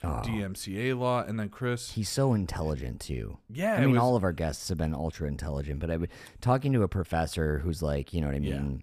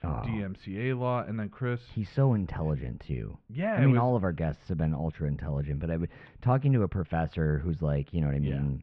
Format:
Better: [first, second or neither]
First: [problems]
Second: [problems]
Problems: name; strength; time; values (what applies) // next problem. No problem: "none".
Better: first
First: none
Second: muffled; very; fading above 3 kHz